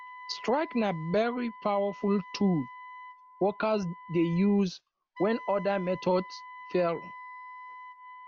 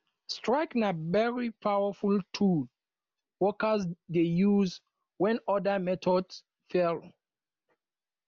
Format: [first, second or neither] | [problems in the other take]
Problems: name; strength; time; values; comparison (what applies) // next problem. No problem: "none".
second | background sound (Wind instrument, woodwind instrument); 16 dB below the speech